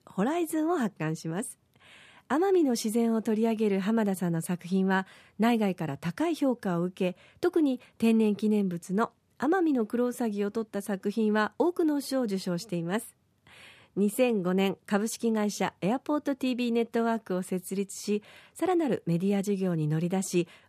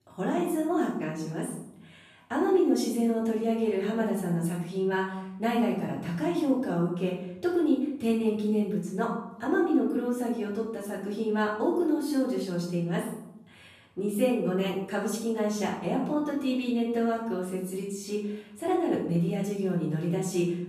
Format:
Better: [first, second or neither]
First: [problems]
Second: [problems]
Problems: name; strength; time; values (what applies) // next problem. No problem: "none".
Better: first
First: none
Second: off-mic speech; far // room echo; noticeable; dies away in 0.6 s